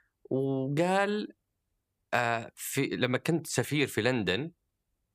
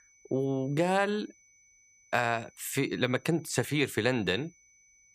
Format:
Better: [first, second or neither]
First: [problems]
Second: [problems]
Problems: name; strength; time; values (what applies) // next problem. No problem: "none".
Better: first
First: none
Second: high-pitched whine; faint; throughout; 6 kHz, 30 dB below the speech